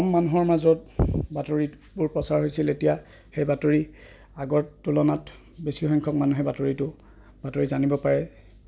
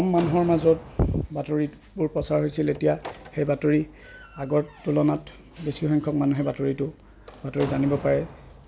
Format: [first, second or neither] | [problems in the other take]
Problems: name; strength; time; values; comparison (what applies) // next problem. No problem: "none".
first | background sound (Slam); 17 dB below the speech